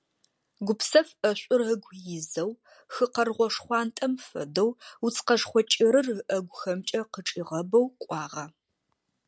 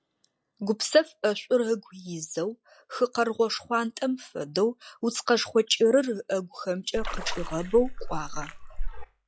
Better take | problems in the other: first | noise reduction (classical method log-MMSE)

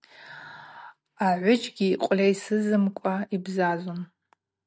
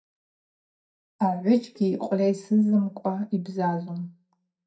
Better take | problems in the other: first | noise reduction (neural mask model DeepFilterNet 3)

